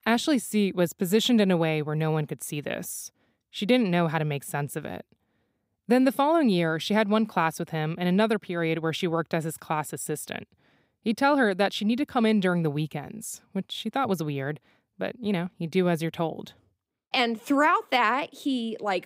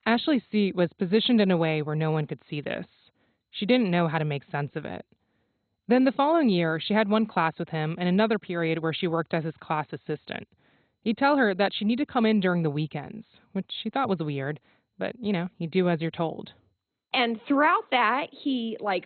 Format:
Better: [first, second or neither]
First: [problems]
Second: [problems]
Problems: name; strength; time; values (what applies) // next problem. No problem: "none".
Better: first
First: none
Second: garbled, watery; badly; nothing above 4 kHz